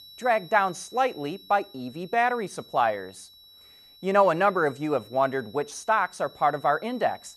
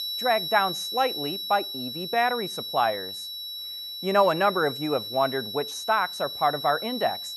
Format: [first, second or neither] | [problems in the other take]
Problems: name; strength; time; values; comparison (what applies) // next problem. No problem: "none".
first | high-pitched whine; loud; throughout; 4 kHz, 6 dB below the speech; faint in the first